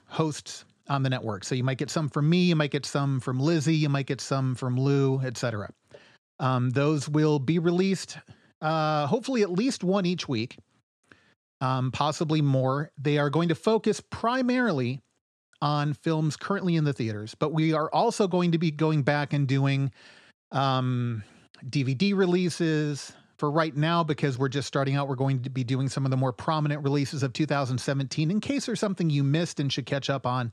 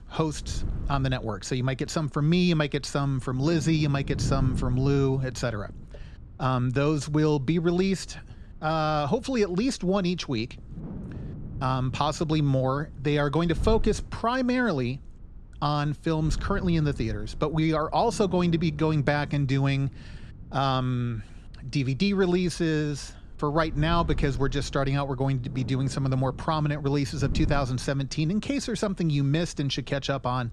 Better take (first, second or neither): first